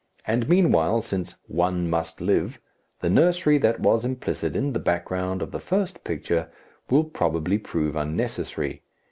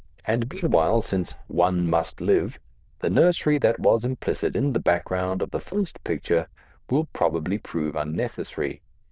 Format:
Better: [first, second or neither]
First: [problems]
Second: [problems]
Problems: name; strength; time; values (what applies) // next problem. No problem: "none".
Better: first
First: none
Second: noise reduction (neural diffusion model UNIVERSE++)